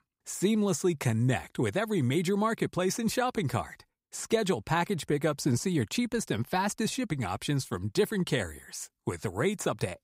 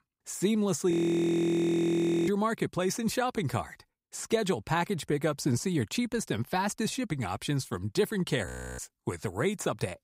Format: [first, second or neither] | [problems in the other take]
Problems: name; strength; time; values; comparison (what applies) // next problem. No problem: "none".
first | audio freezing; at 1 s for 1.5 s and at 8.5 s